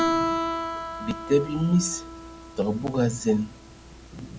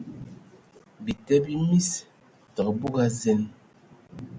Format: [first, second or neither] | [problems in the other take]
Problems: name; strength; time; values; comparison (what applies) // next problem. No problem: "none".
second | background sound (Guitar); 4 dB below the speech